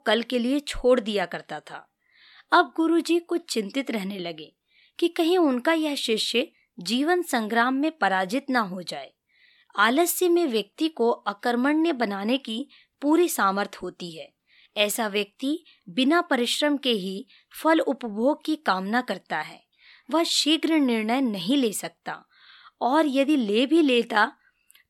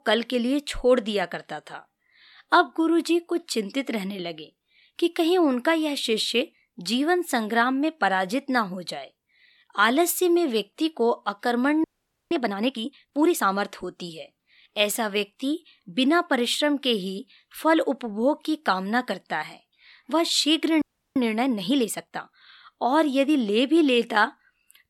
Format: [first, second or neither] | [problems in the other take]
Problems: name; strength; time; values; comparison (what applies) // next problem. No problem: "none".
first | audio freezing; at 12 s and at 21 s